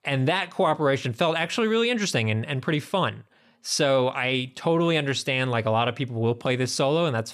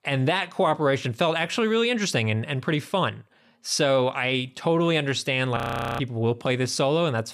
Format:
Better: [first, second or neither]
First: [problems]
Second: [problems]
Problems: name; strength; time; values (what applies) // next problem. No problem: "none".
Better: first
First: none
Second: audio freezing; at 5.5 s